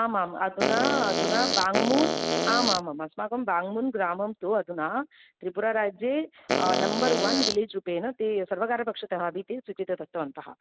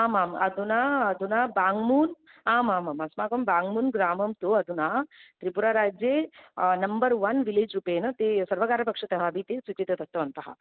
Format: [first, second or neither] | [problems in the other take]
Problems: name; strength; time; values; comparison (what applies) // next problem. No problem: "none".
second | background sound (Fart); 2 dB above the speech